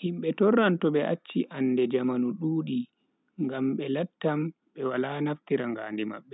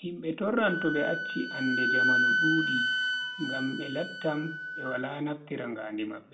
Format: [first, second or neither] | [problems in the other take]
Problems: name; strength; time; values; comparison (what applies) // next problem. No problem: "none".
first | background sound (Wind instrument, woodwind instrument); 1 dB above the speech // room echo; dies away in 0.4 s